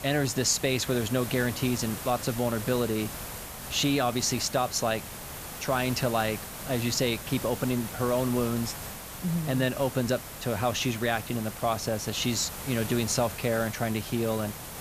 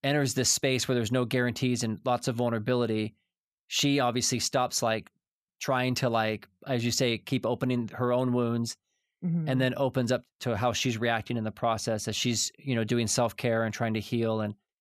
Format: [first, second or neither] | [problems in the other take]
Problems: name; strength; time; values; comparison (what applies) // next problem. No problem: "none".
second | hiss; loud; throughout; 9 dB below the speech